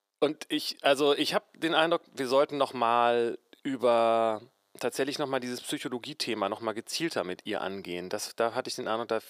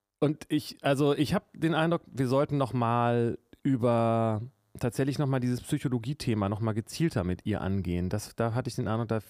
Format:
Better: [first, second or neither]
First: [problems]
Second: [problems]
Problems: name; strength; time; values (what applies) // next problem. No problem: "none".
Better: second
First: thin; somewhat; fading below 450 Hz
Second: none